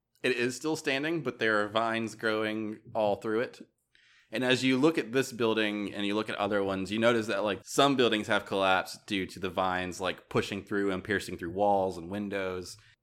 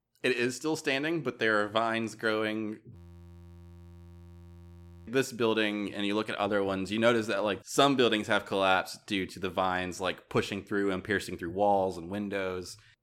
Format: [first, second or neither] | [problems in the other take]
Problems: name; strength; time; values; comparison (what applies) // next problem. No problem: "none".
first | audio freezing; at 3 s for 2 s